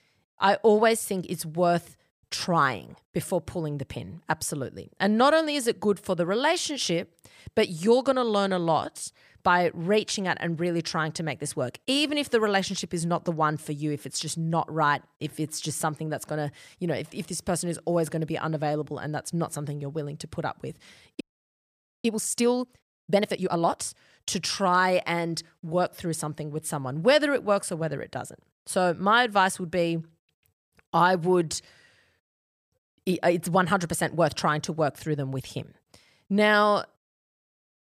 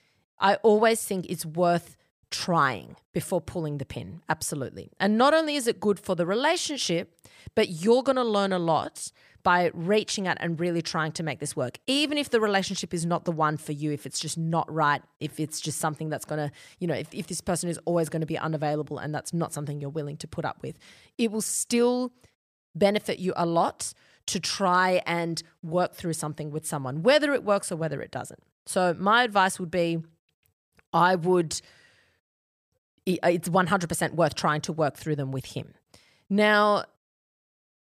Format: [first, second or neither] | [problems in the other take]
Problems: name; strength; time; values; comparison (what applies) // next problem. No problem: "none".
second | audio freezing; at 21 s for 1 s